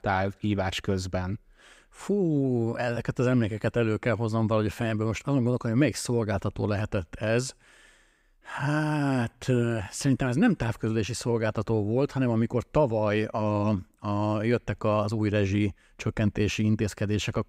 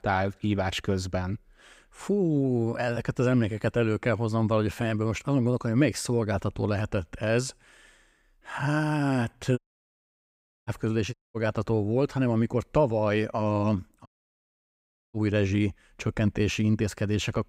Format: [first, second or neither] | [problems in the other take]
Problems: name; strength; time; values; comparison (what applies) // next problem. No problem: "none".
first | audio cutting out; at 9.5 s for 1 s, at 11 s and at 14 s for 1 s